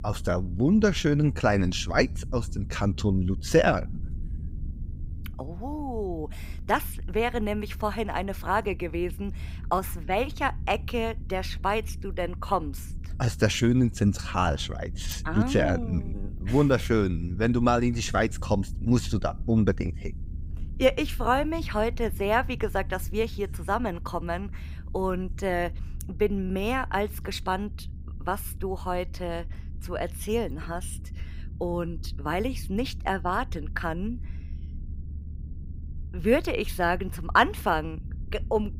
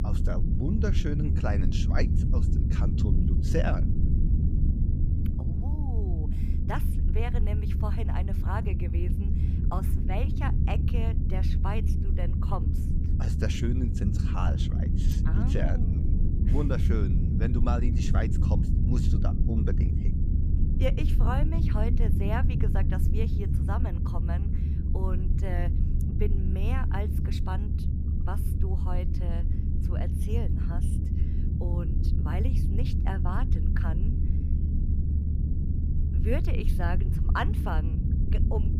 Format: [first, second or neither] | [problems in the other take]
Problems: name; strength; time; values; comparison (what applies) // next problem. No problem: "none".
first | low rumble; loud; throughout; 3 dB below the speech; faint in the first